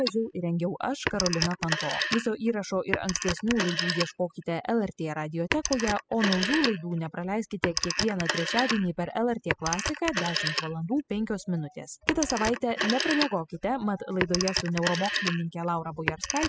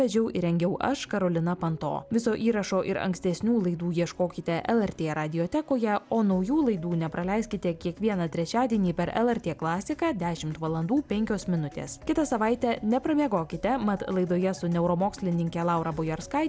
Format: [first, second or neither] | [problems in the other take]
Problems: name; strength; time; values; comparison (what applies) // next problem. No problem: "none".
second | noise reduction (classical method spectral subtraction)